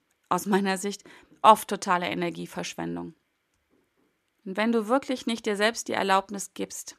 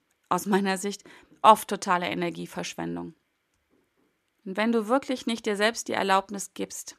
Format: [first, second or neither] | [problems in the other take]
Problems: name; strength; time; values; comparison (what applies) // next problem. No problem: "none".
neither | none